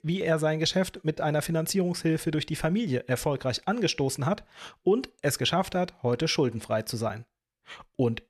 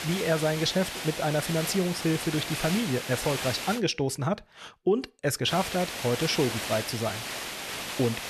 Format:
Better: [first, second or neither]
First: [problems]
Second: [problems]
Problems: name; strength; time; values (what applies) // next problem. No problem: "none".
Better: first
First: none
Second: hiss; loud; until 4 s and from 5.5 s on; 5 dB below the speech